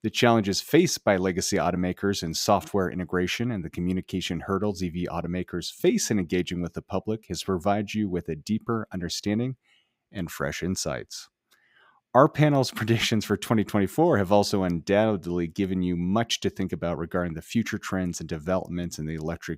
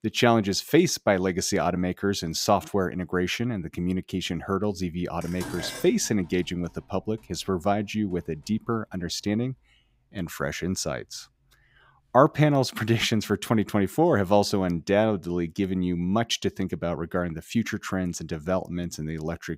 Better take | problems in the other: first | clattering dishes; noticeable; from 5 to 7.5 s; peak 9 dB below the speech

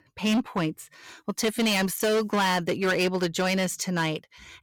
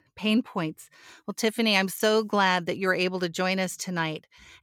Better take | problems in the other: second | distortion; heavy; 13% of the sound clipped

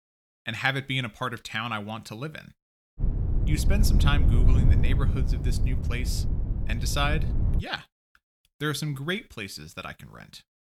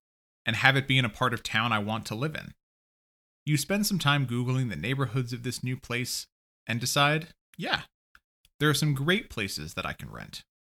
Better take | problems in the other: second | wind noise on the microphone; heavy; from 3 to 7.5 s; 9 dB below the speech

